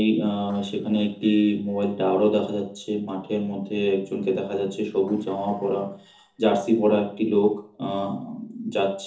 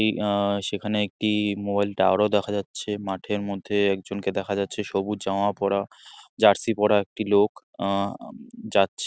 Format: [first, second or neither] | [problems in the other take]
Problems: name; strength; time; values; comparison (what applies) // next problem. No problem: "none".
second | noise reduction (neural separator model SepFormer DNS4)